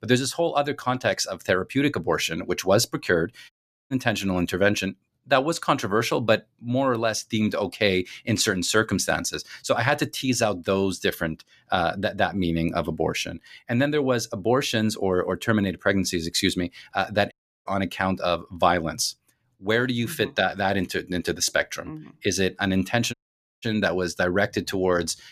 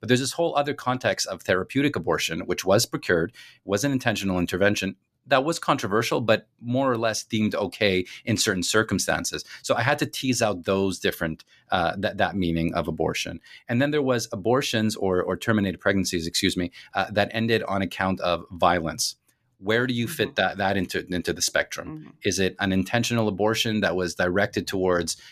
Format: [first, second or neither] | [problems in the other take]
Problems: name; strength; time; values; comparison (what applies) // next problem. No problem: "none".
second | audio cutting out; at 3.5 s, at 17 s and at 23 s